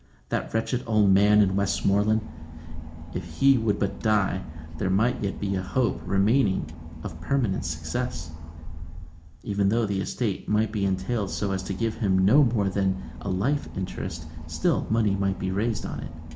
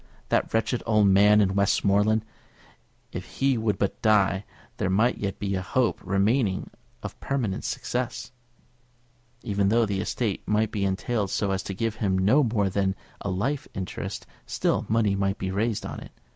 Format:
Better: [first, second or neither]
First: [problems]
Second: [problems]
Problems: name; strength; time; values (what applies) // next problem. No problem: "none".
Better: second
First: background sound (Engine / Boat, Water vehicle); 11 dB below the speech // room echo; dies away in 0.4 s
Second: none